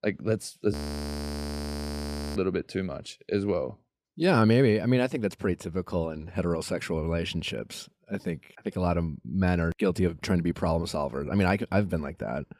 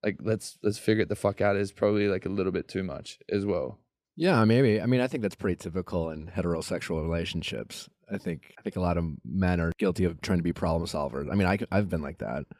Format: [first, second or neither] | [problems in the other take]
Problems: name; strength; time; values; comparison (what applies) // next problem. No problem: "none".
second | audio freezing; at 0.5 s for 1.5 s